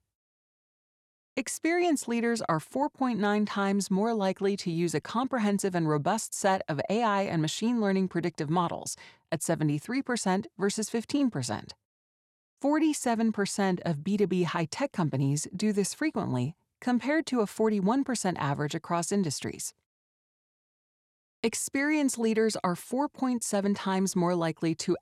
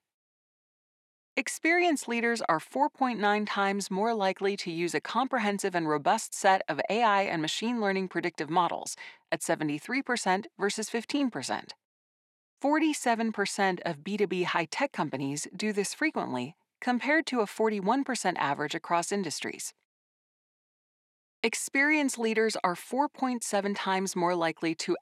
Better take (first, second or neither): first